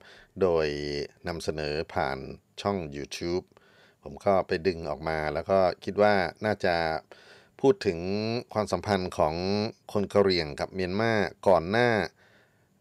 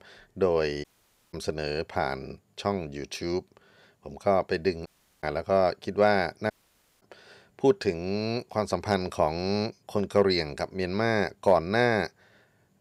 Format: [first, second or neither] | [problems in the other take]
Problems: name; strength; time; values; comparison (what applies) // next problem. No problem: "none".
first | audio cutting out; at 1 s, at 5 s and at 6.5 s for 0.5 s